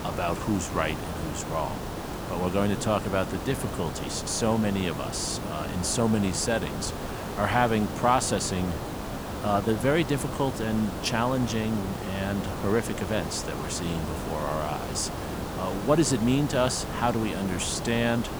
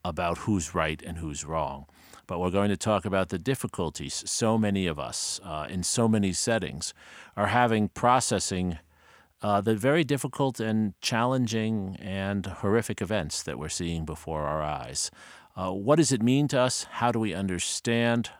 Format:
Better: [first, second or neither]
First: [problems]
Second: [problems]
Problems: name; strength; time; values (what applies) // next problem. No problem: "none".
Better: second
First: hiss; loud; throughout; 6 dB below the speech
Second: none